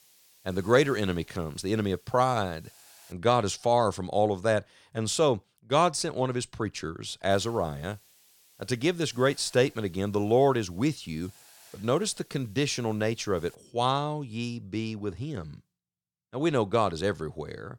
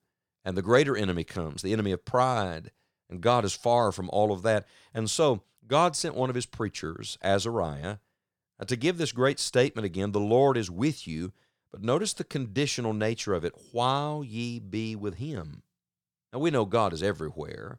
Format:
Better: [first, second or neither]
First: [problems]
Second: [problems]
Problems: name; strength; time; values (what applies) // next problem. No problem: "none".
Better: second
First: hiss; faint; until 3 s and from 7.5 to 14 s; 25 dB below the speech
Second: none